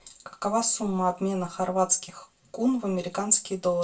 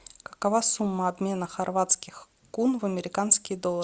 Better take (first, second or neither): second